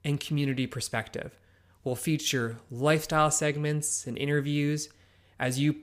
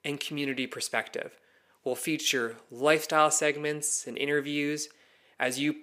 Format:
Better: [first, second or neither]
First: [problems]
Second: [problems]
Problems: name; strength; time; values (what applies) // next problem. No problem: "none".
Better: first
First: none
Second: thin; somewhat; fading below 350 Hz